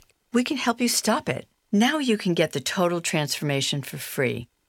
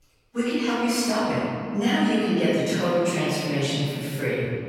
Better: first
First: none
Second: off-mic speech; far // room echo; strong; dies away in 2.6 s

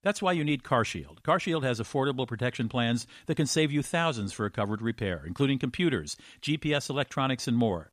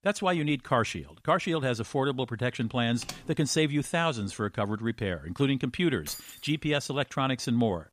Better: first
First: none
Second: keyboard typing; faint; at 3 s; peak 10 dB below the speech // jangling keys; faint; at 6 s; peak 10 dB below the speech

